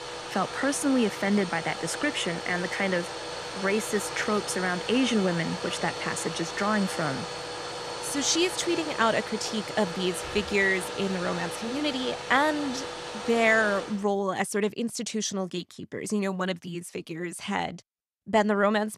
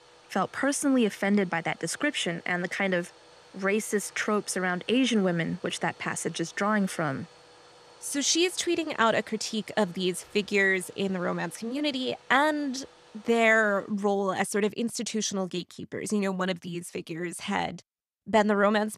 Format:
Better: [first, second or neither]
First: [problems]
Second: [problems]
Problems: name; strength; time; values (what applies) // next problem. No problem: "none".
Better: second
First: household noises; loud; until 14 s; 7 dB below the speech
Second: household noises; faint; until 14 s; 25 dB below the speech